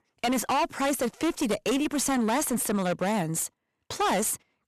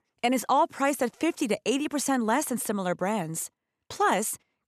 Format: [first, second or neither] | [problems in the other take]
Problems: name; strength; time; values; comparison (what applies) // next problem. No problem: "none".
second | distortion; heavy; 19% of the sound clipped